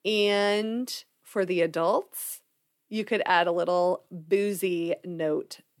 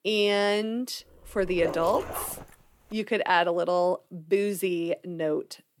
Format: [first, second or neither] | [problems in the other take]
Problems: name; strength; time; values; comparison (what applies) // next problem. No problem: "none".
first | dog barking; noticeable; from 1.5 to 2.5 s; peak 6 dB below the speech